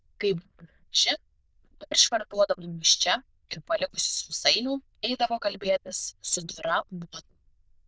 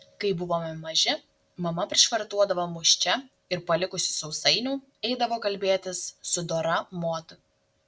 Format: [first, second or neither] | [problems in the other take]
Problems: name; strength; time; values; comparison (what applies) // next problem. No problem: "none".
second | noise reduction (neural diffusion model UNIVERSE++)